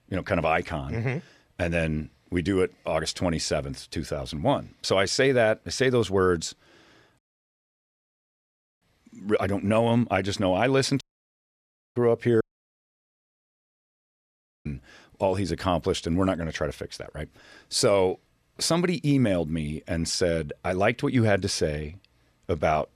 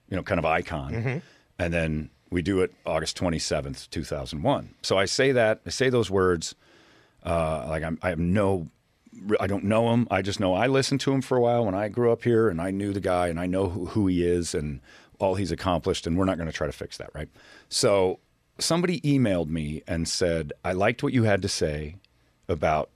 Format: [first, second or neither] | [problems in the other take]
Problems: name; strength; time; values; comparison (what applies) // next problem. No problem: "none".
second | audio cutting out; at 7 s for 1.5 s, at 11 s for 1 s and at 12 s for 2 s